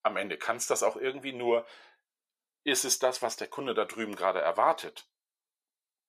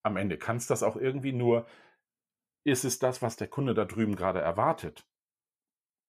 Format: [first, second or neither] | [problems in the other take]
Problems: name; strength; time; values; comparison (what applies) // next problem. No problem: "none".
second | thin; somewhat; fading below 500 Hz